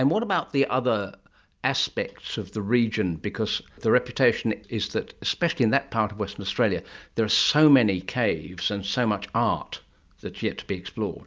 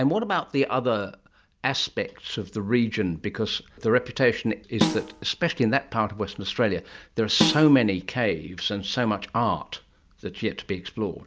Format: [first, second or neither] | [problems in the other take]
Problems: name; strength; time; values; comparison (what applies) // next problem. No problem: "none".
first | background sound (Snare drum); 3 dB below the speech